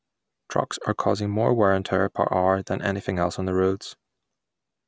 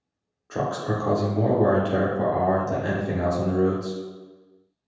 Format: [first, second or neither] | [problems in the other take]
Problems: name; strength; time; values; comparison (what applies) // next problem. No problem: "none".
first | room echo; dies away in 1.2 s